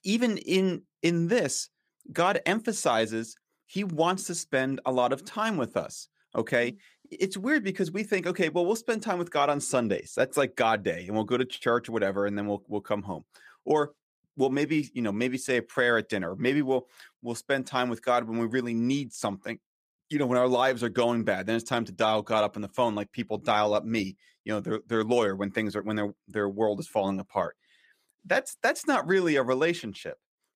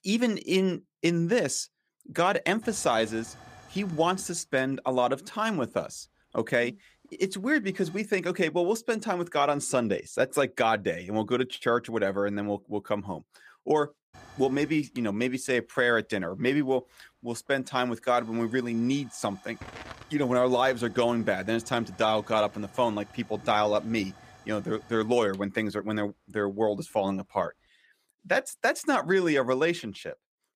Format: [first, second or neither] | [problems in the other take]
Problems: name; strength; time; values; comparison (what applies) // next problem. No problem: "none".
first | hiss; faint; from 2.5 to 8 s and from 14 to 28 s; 25 dB below the speech